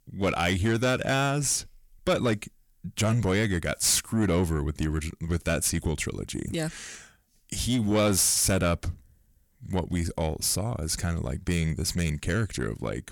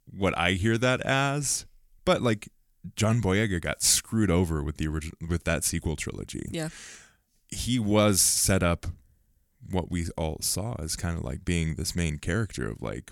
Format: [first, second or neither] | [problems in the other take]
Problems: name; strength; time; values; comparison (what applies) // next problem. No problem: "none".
second | distortion; slight; 10 dB below the speech